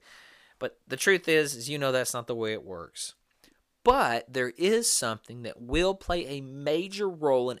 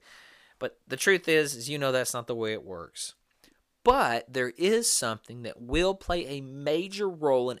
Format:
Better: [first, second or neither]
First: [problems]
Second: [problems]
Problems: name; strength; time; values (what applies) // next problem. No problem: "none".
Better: neither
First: none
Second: none